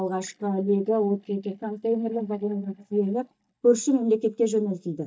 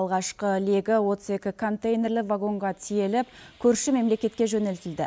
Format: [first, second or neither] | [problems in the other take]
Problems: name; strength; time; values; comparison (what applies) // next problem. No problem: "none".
second | noise reduction (neural mask model DeepFilterNet 3)